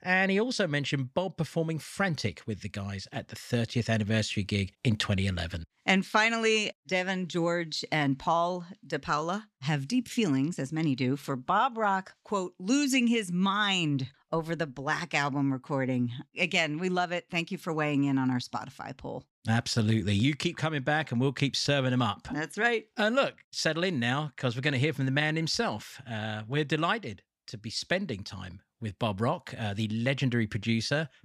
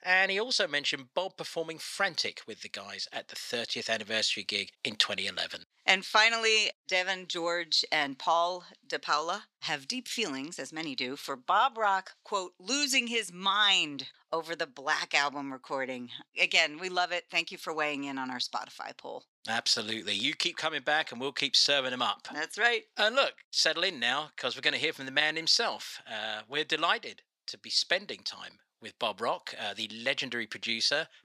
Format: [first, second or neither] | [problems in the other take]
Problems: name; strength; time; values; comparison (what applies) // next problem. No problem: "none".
first | thin; somewhat; fading below 500 Hz